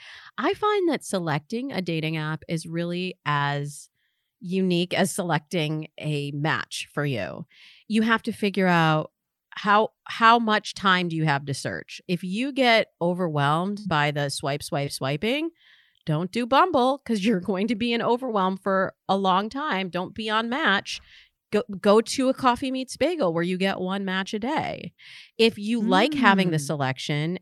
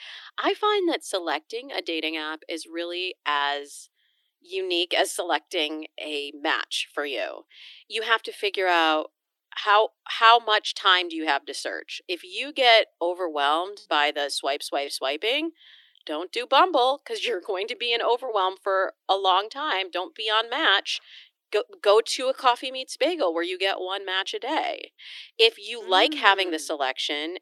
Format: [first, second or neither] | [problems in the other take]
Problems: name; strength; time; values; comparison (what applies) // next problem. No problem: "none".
first | thin; very; fading below 300 Hz